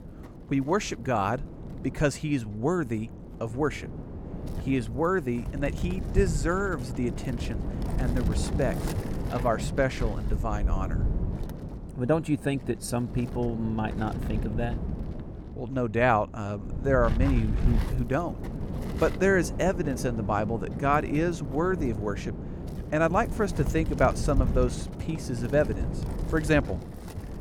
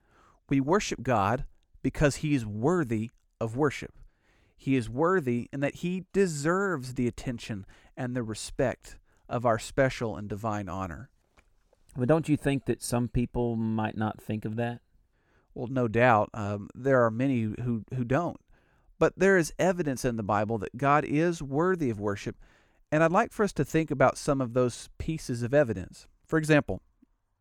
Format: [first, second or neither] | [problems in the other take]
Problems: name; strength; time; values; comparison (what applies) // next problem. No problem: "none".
second | wind noise on the microphone; occasional gusts; 15 dB below the speech